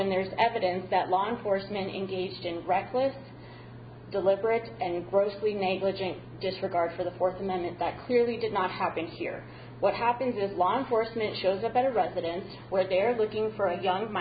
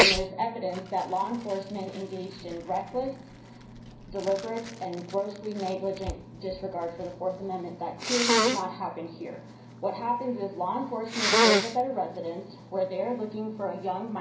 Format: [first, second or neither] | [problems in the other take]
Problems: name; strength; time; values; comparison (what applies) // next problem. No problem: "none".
first | background sound (Sneeze); as loud as the speech // room echo; dies away in 0.5 s